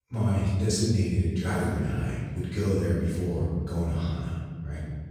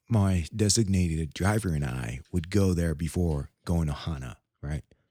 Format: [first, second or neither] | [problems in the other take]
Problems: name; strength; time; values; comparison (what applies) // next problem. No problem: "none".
second | room echo; strong; dies away in 1.6 s // off-mic speech; far